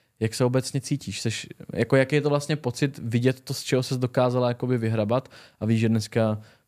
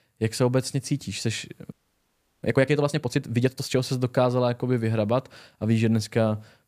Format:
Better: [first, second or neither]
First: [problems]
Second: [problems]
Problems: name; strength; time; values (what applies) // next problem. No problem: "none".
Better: first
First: none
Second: audio freezing; at 1.5 s for 0.5 s